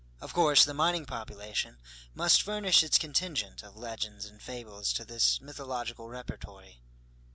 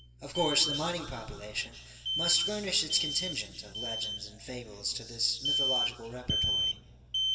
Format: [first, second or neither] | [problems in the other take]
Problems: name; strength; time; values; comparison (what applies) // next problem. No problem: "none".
first | background sound (Alarm); as loud as the speech // room echo; dies away in 1.8 s